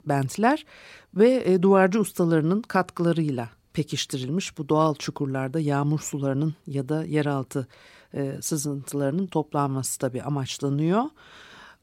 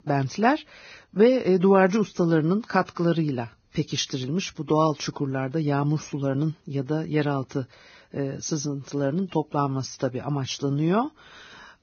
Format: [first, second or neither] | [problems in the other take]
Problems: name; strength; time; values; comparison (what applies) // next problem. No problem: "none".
first | garbled, watery; badly; nothing above 6.5 kHz